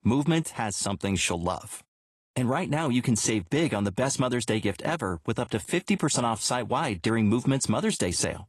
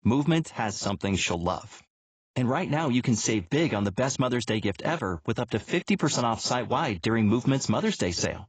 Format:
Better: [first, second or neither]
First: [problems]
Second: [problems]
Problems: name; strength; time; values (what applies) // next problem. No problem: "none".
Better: first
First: garbled, watery; slightly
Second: garbled, watery; badly; nothing above 7.5 kHz